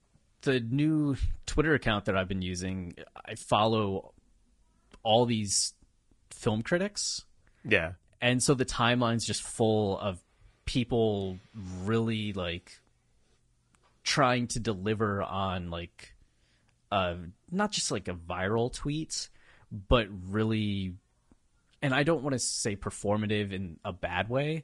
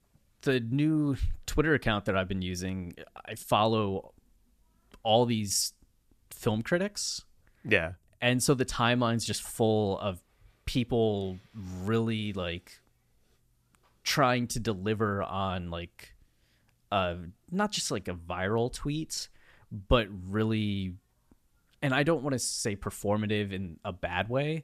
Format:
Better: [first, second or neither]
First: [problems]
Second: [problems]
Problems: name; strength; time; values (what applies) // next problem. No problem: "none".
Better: second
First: garbled, watery; slightly; nothing above 10 kHz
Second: none